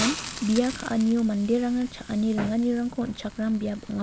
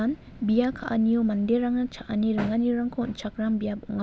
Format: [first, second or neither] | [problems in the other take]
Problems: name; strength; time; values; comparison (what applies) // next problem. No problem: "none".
second | background sound (Hiss); 13 dB below the speech